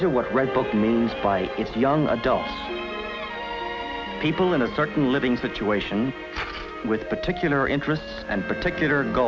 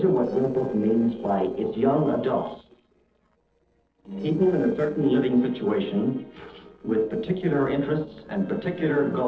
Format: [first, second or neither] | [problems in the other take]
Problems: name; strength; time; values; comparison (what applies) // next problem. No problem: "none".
first | noise reduction (neural separator model SepFormer DNS4)